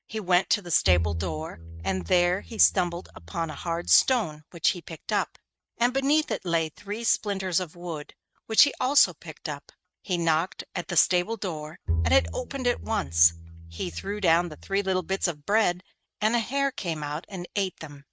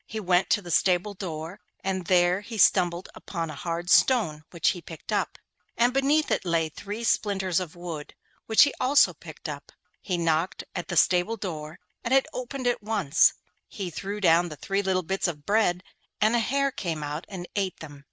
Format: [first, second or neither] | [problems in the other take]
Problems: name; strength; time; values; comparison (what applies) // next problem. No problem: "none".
second | noise reduction (neural mask model RNNoise)